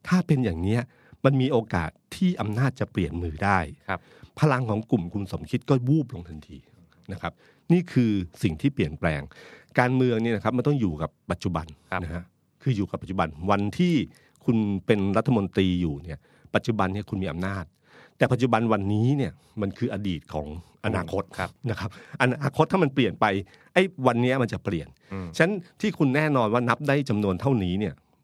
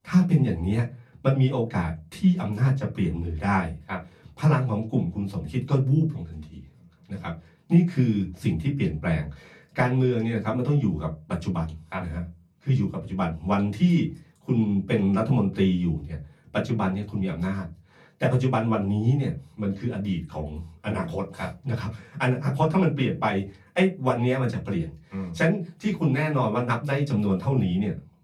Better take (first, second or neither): first